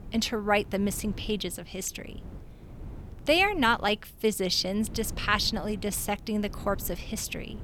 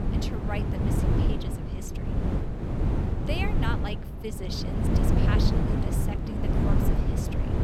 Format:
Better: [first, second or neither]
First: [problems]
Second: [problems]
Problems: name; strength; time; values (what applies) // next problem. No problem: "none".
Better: first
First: wind noise on the microphone; occasional gusts; 25 dB below the speech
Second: wind noise on the microphone; heavy; 2 dB above the speech